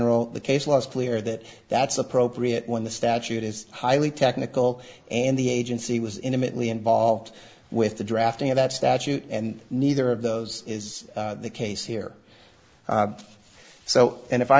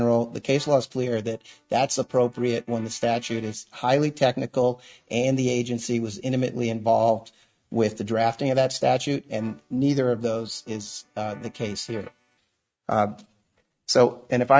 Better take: first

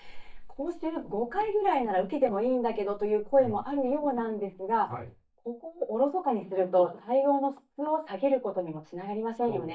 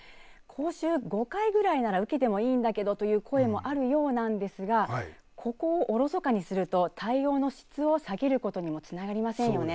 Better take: second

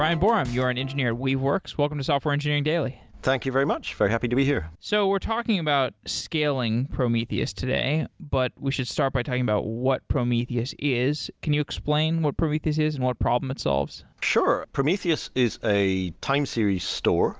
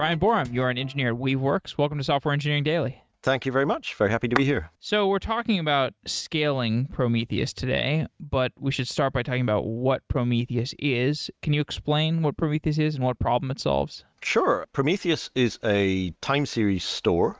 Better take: first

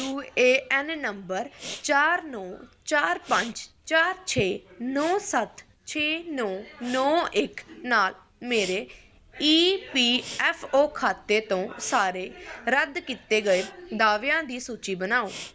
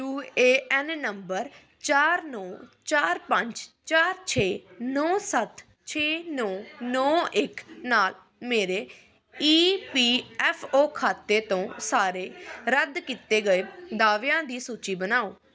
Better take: second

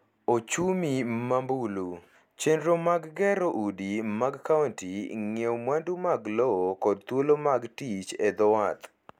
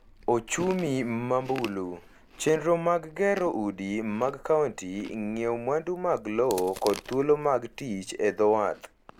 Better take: first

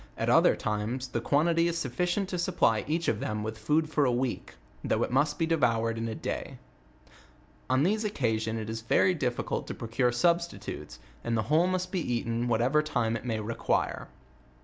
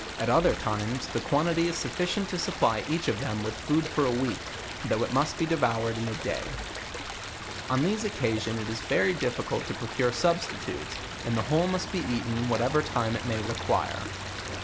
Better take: first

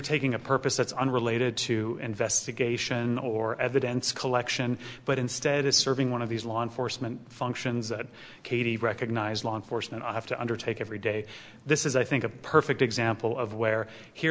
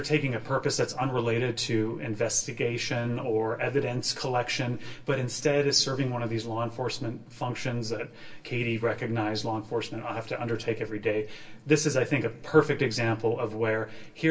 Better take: first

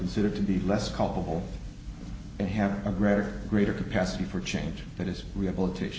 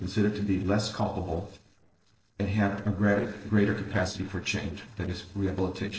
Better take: first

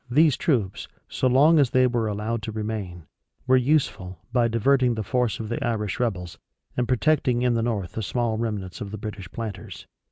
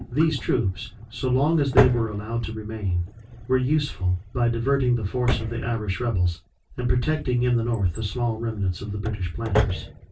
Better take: first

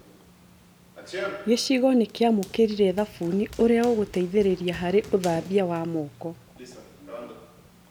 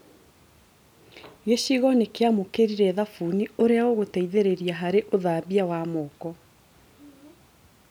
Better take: second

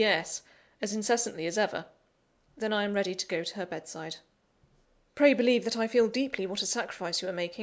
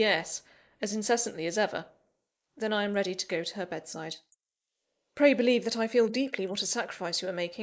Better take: first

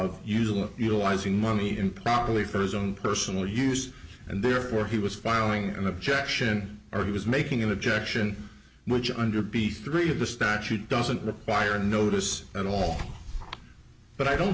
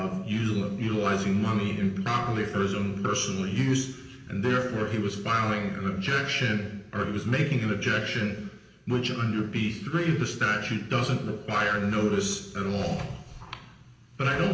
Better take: first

